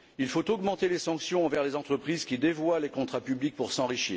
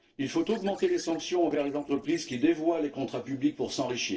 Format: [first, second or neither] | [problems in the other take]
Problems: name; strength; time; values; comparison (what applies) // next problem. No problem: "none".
first | noise reduction (neural separator model SepFormer DNS4)